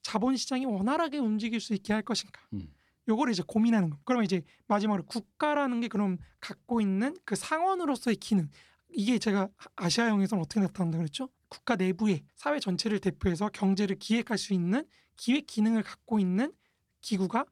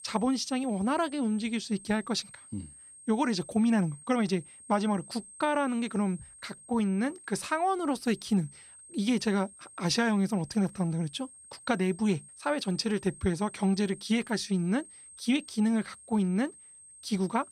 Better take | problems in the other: first | high-pitched whine; noticeable; throughout; 8.5 kHz, 20 dB below the speech

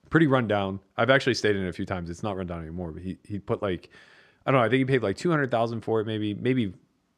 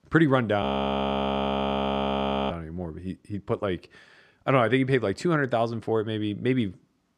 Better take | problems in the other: first | audio freezing; at 0.5 s for 2 s

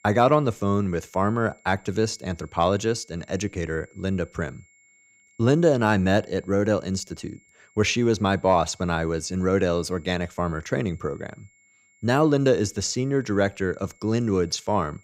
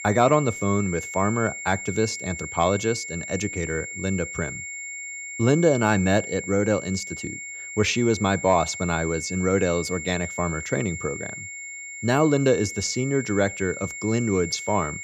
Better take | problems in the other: first | high-pitched whine; loud; throughout; 2 kHz, 9 dB below the speech; faint in the first

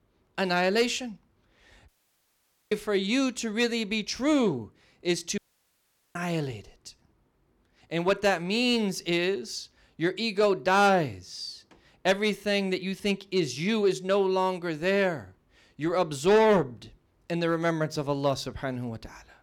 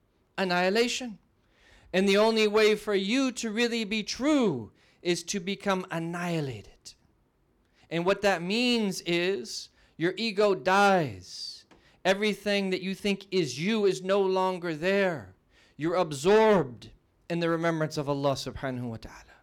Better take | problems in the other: second | audio cutting out; at 2 s for 1 s and at 5.5 s for 1 s

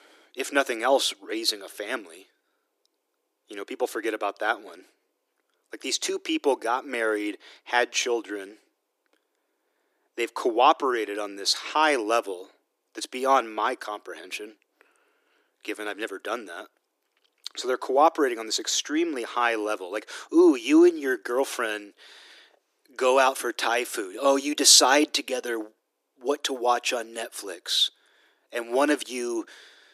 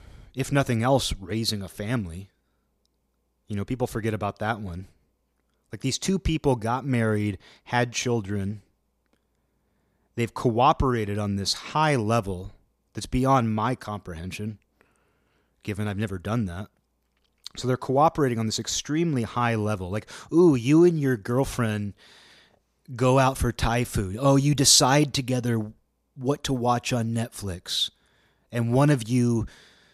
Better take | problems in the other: second | thin; somewhat; fading below 300 Hz

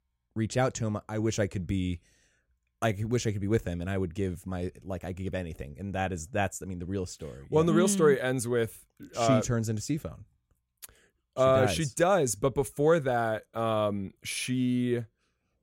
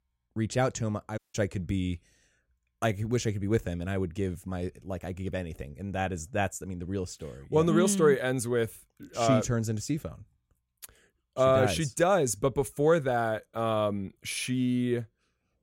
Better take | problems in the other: first | audio cutting out; at 1 s

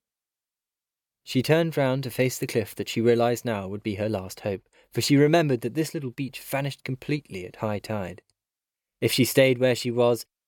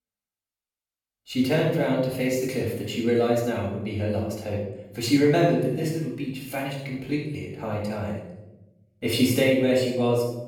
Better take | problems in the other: first | off-mic speech; far // room echo; noticeable; dies away in 0.8 s

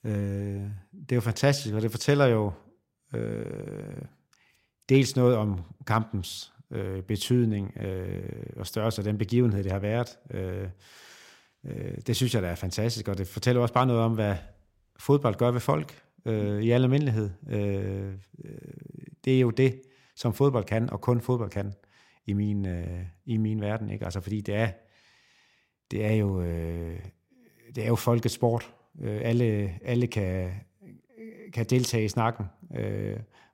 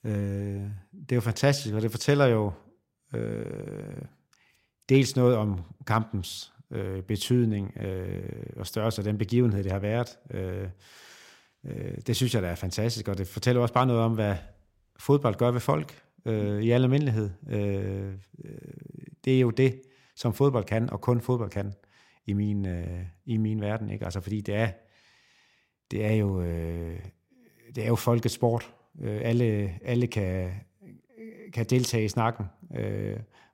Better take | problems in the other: neither | none

